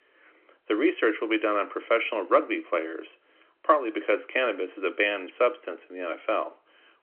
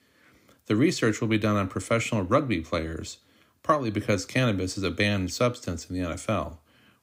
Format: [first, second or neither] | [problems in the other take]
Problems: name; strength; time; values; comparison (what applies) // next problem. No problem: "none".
second | phone-call audio